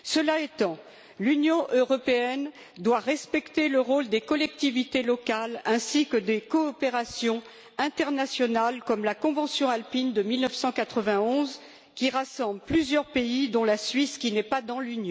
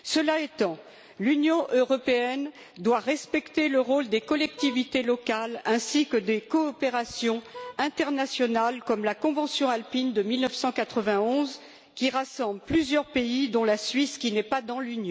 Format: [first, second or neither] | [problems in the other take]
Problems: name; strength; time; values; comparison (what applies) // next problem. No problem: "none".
first | background sound (Vehicle horn, car horn, honking); 20 dB below the speech